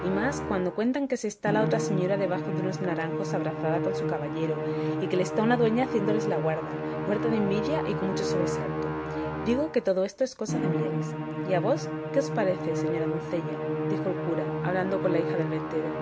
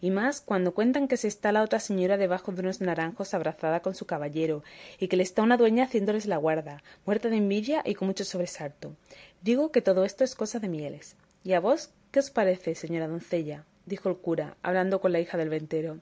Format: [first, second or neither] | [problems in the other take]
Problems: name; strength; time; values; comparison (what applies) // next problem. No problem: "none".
second | background sound (Musical instrument); 1 dB below the speech